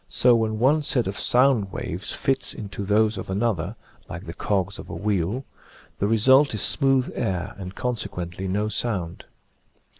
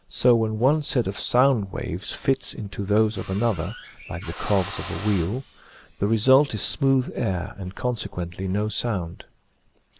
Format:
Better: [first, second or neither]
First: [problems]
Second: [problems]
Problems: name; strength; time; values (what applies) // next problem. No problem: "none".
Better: first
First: none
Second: background sound (Drill); 17 dB below the speech